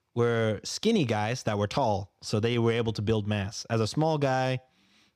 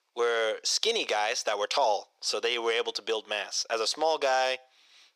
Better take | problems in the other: first | thin; very; fading below 450 Hz

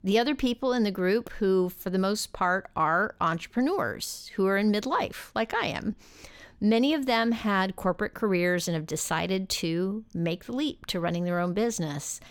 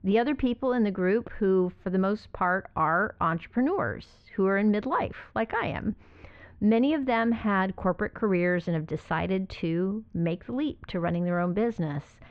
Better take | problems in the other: first | muffled; very; fading above 2.5 kHz

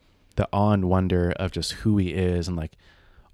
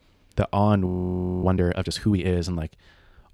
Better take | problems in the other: first | audio freezing; at 1 s for 0.5 s

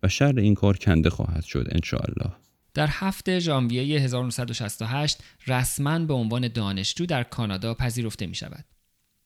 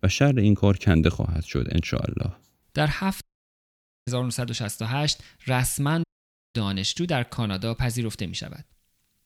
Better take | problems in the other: first | audio cutting out; at 3 s for 1 s and at 6 s for 0.5 s

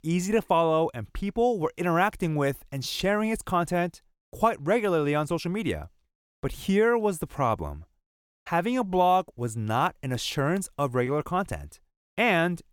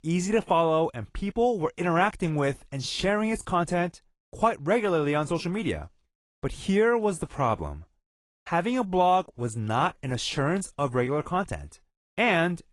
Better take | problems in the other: first | garbled, watery; slightly; nothing above 10.5 kHz

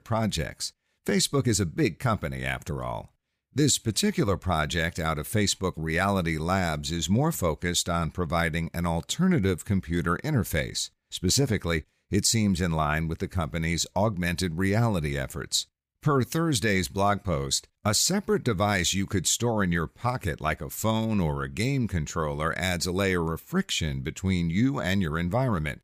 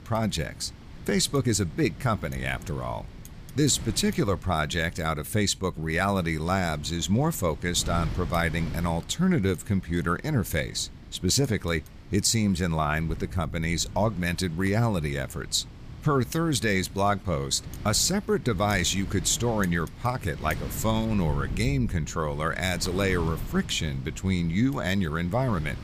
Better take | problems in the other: first | wind noise on the microphone; occasional gusts; 20 dB below the speech

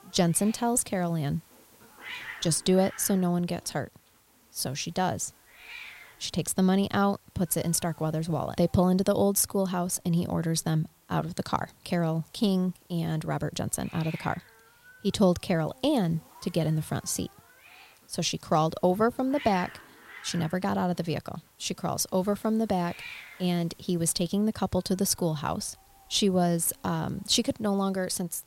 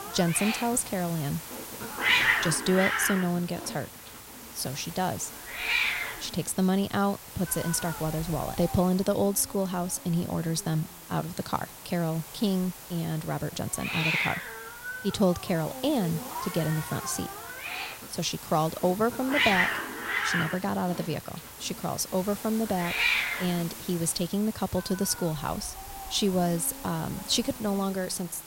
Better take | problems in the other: first | hiss; loud; throughout; 2 dB below the speech; faint in the first

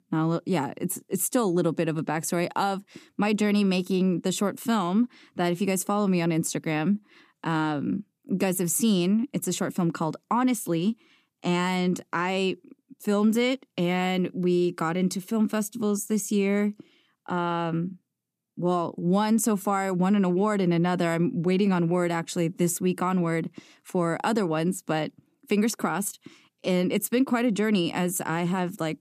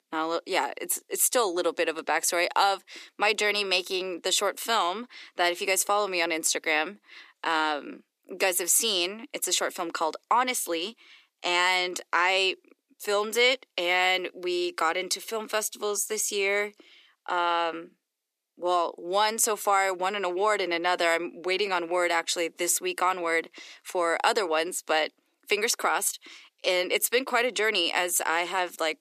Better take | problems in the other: first | thin; very; fading below 450 Hz

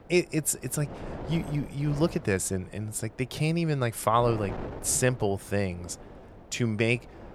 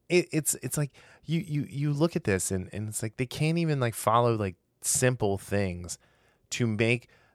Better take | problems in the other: second | wind noise on the microphone; occasional gusts; 15 dB below the speech

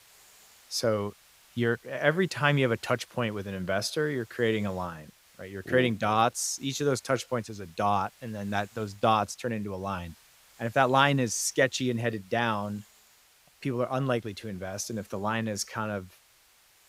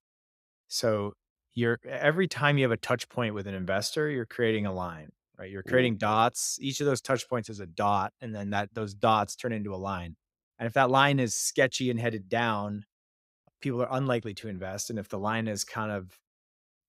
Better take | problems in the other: second | hiss; faint; throughout; 25 dB below the speech

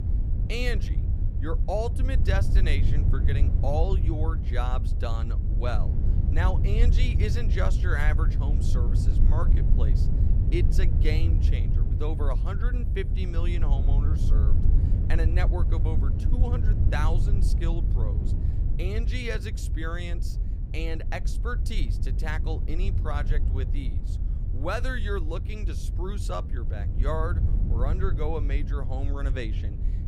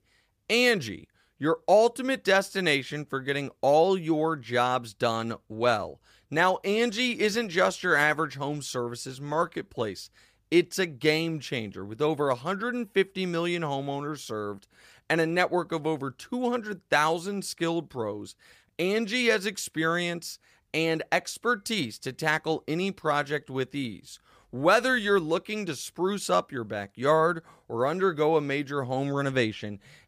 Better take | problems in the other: second | low rumble; loud; throughout; 7 dB below the speech

